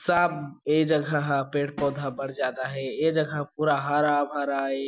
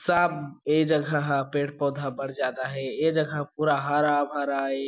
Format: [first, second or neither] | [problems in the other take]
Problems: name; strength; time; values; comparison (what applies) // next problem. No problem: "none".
second | background sound (Snare drum); 20 dB below the speech